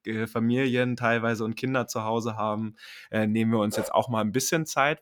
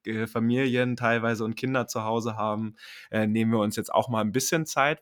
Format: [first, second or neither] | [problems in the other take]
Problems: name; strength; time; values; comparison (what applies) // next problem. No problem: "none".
second | dog barking; noticeable; at 3.5 s; peak 9 dB below the speech